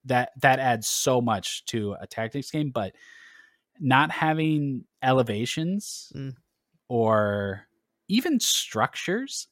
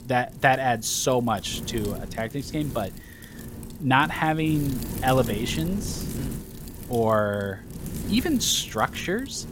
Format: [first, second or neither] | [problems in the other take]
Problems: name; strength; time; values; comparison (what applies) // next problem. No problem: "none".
first | wind noise on the microphone; occasional gusts; 15 dB below the speech